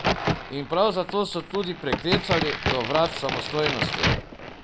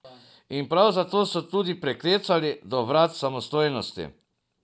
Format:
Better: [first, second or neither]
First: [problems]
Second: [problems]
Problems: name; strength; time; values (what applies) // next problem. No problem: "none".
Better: second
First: background sound (Crack); 1 dB below the speech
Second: none